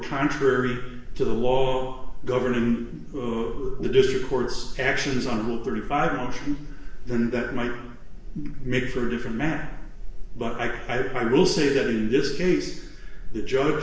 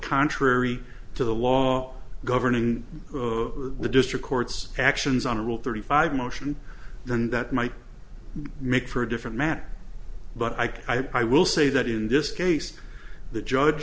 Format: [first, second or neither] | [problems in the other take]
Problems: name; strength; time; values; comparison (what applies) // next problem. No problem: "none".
second | room echo; dies away in 0.9 s